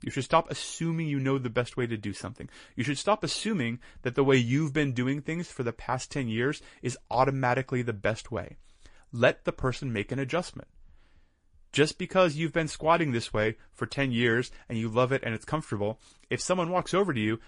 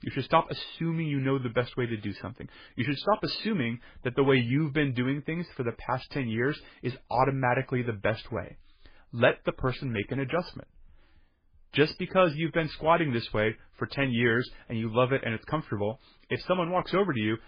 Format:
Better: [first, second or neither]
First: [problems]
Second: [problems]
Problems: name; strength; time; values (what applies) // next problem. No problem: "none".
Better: first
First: garbled, watery; slightly; nothing above 10.5 kHz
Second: garbled, watery; badly